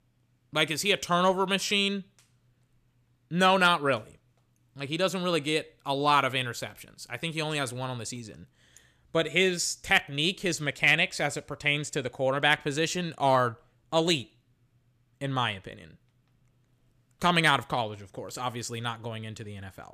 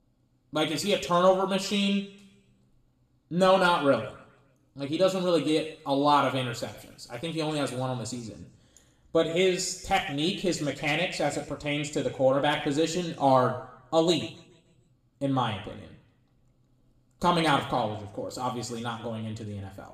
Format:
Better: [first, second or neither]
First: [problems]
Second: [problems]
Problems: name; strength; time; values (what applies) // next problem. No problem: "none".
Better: first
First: none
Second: room echo; slight; dies away in 0.7 s // off-mic speech; somewhat distant